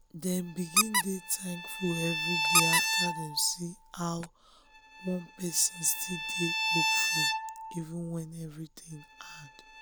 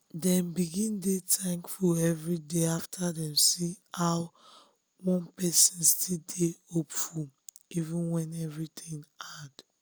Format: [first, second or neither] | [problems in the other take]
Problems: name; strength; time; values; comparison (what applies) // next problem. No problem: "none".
second | background sound (Bowed string instrument + Squeak); 2 dB above the speech